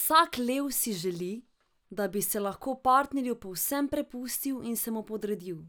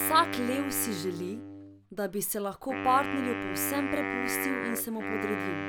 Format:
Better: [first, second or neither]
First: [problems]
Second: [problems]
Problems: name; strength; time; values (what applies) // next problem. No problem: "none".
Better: first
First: none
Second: background sound (Wind instrument, woodwind instrument); 4 dB below the speech